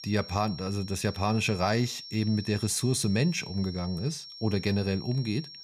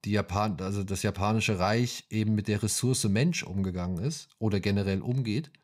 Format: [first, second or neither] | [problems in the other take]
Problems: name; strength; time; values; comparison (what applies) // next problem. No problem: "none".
second | high-pitched whine; noticeable; throughout; 5.5 kHz, 15 dB below the speech